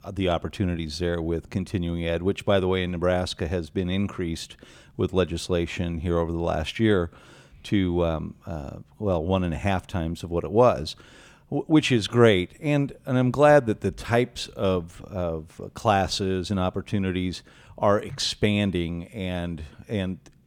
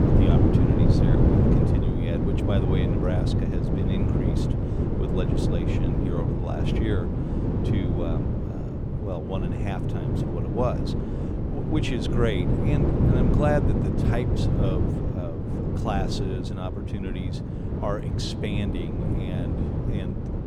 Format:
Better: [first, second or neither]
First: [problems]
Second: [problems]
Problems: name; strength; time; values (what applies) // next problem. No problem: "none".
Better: first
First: none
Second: wind noise on the microphone; heavy; 2 dB above the speech